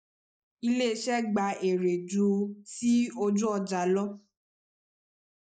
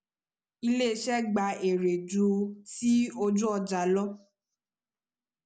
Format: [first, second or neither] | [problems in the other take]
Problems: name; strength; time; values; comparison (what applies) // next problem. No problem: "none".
second | noise reduction (neural mask model Resemble Enhance denoiser)